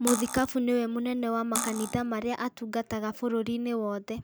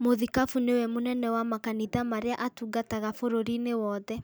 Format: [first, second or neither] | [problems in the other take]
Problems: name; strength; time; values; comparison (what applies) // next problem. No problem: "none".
second | background sound (Cutlery, silverware); 5 dB below the speech